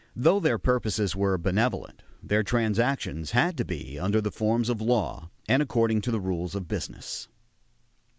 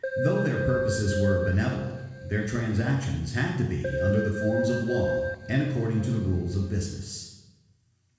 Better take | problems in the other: first | background sound (Keyboard (musical)); 4 dB below the speech // room echo; dies away in 1.1 s

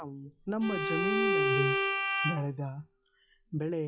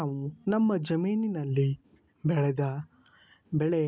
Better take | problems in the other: second | noise reduction (classical method log-MMSE)

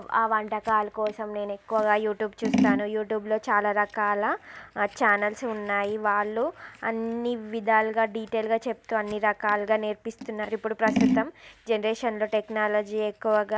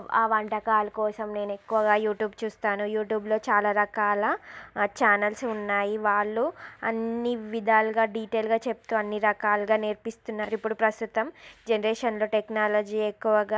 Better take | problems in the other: second | background sound (Scissors); 8 dB below the speech

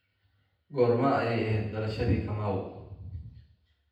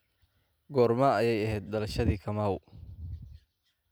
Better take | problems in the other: second | room echo; dies away in 0.9 s

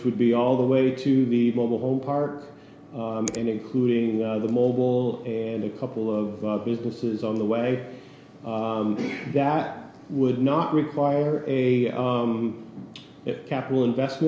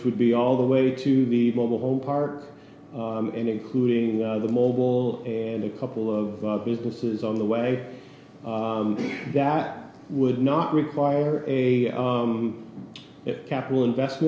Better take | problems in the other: second | background sound (Finger snapping); 19 dB below the speech

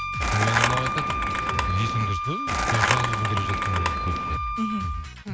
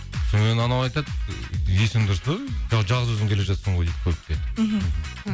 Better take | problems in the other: second | background sound (Wind instrument, woodwind instrument + Skateboard); 2 dB above the speech

